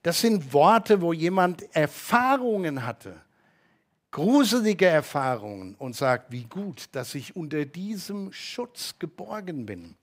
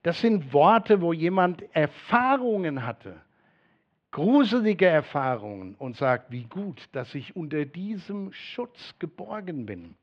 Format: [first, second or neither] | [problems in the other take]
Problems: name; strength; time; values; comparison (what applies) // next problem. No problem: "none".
first | muffled; slightly; fading above 3 kHz